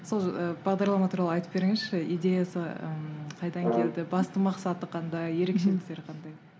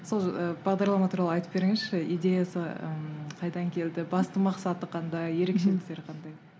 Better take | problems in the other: second | background sound (Brass instrument); 4 dB below the speech

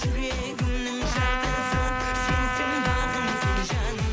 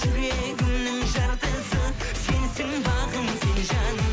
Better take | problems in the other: second | background sound (Trumpet); 2 dB below the speech

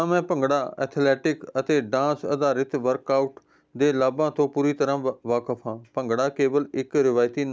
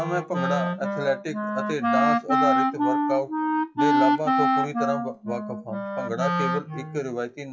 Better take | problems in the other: first | noise reduction (classical method WPE with log-MMSE)

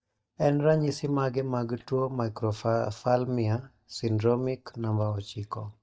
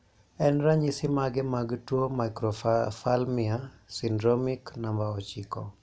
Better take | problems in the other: second | noise reduction (neural mask model DeepFilterNet 3)

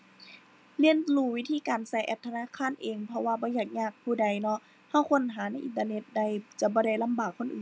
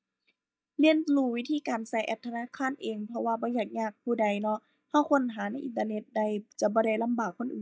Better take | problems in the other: first | noise reduction (neural mask model DeepFilterNet 3)

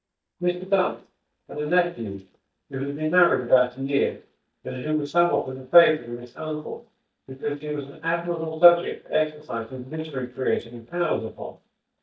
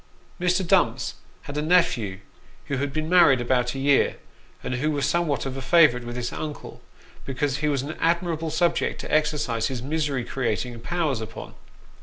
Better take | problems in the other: second | noise reduction (neural mask model DeepFilterNet 3)

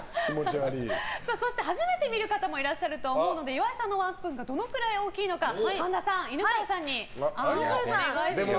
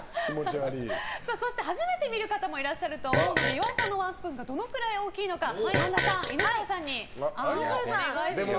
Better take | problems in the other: first | background sound (Fart); 2 dB below the speech

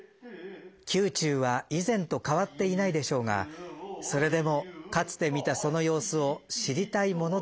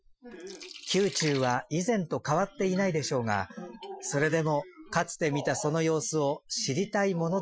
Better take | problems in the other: first | noise reduction (classical method Wiener filter)

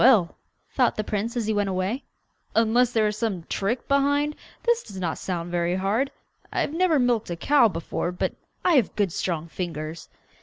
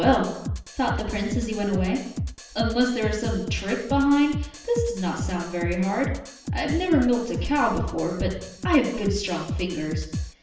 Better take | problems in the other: first | background sound (Drum kit); 6 dB below the speech // room echo; dies away in 0.8 s

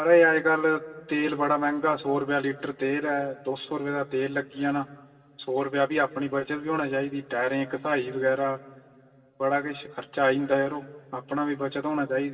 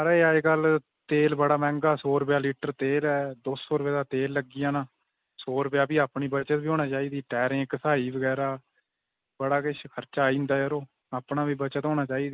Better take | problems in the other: second | room echo; dies away in 2.9 s

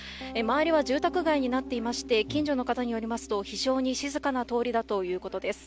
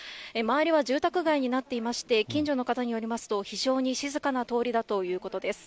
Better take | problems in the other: second | background sound (Piano); 15 dB below the speech

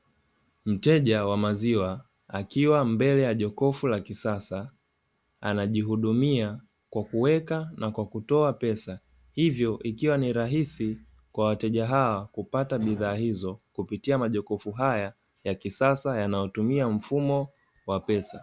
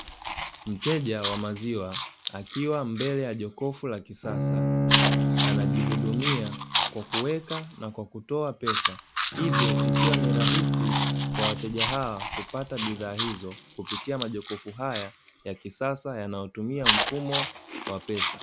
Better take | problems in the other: first | background sound (Chewing, mastication + Bowed string instrument); 4 dB above the speech

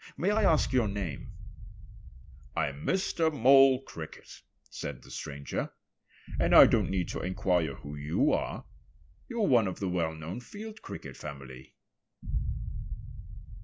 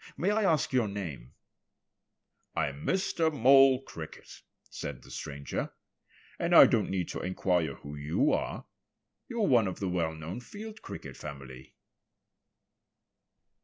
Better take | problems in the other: second | background sound (Boom); 7 dB below the speech

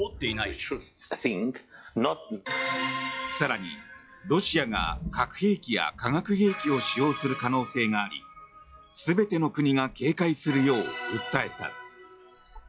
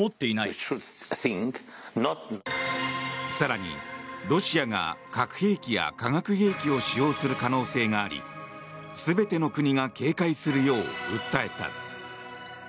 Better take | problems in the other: second | noise reduction (classical method log-MMSE)

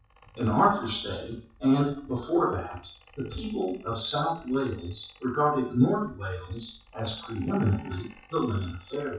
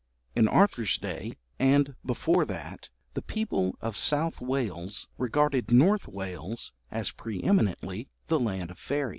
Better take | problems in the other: second | noise reduction (classical method WPE with log-MMSE)

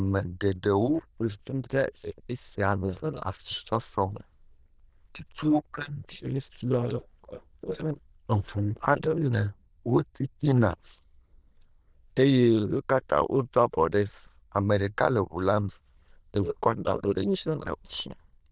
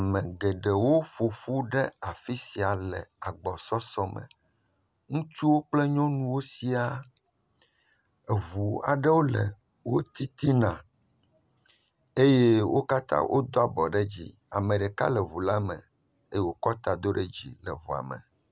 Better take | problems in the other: second | noise reduction (neural diffusion model UNIVERSE++)

